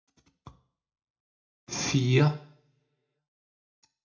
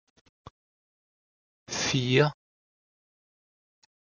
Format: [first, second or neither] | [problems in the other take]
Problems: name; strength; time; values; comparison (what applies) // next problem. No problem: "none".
second | room echo; dies away in 0.4 s